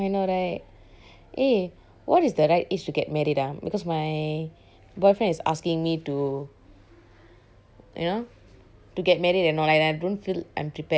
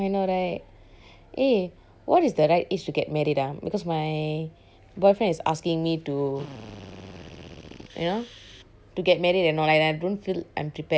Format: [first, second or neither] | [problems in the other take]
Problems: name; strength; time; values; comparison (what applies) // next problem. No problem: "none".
first | background sound (Drill); 19 dB below the speech